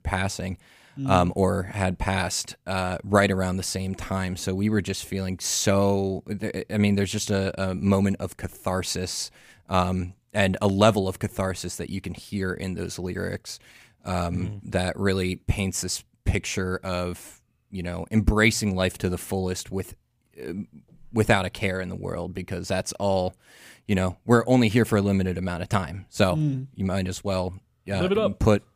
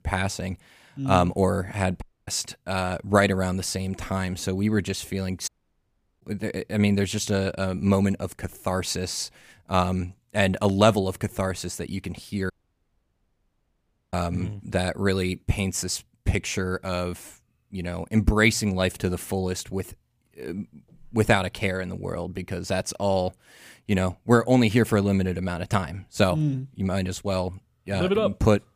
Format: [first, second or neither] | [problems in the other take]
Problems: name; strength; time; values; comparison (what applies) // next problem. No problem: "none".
first | audio cutting out; at 2 s, at 5.5 s for 0.5 s and at 13 s for 1.5 s